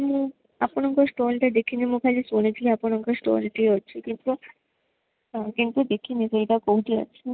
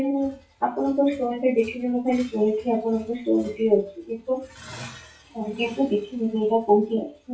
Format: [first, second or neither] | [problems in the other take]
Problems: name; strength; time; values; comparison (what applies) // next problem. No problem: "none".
first | noise reduction (classical method WPE with log-MMSE)